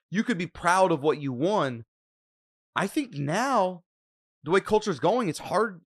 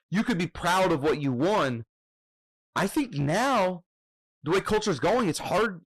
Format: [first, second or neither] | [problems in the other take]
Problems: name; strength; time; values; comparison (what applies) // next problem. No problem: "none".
first | distortion; heavy; 13% of the sound clipped